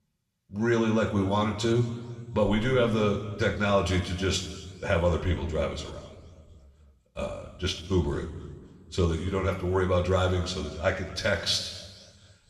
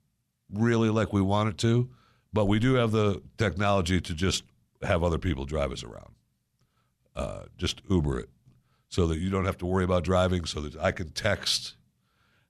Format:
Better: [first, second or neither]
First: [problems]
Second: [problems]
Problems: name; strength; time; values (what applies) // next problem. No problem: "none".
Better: second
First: room echo; noticeable; dies away in 1.7 s // off-mic speech; somewhat distant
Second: none